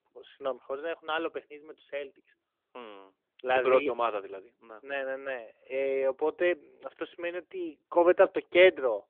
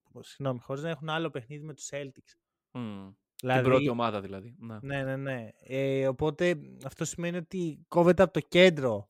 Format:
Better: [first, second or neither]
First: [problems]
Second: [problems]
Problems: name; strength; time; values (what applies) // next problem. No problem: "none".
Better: second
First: phone-call audio; nothing above 3.5 kHz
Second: none